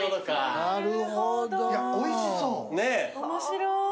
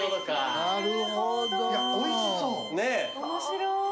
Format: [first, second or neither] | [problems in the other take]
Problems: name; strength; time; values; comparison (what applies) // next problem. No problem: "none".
first | background sound (Bowed string instrument); 8 dB below the speech